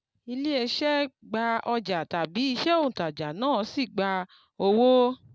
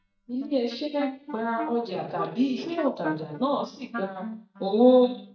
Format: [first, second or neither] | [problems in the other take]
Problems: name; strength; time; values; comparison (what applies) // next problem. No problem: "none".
first | noise reduction (neural mask model DeepFilterNet 3)